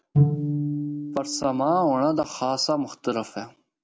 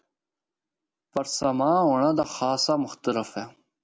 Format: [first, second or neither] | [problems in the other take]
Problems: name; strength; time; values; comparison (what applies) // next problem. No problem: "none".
second | background sound (Bowed string instrument); 1 dB below the speech